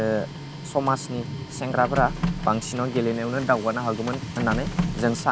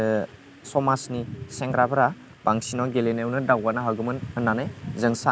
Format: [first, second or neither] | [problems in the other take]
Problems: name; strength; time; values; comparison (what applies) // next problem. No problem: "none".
second | background sound (Printer); 7 dB below the speech